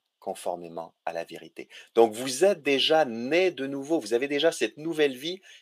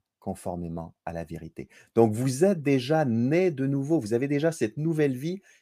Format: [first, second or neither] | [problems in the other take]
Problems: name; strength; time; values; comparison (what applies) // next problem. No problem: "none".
second | thin; somewhat; fading below 500 Hz